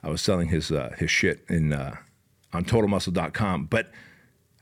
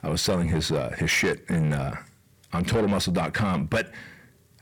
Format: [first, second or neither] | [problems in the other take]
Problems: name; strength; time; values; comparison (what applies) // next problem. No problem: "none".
first | distortion; heavy; 8 dB below the speech